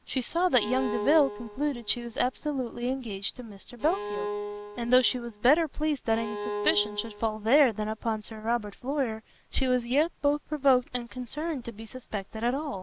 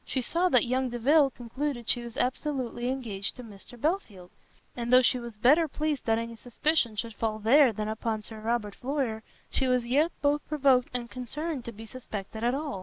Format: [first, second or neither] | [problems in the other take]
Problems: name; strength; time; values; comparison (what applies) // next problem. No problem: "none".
second | background sound (Bowed string instrument); 9 dB below the speech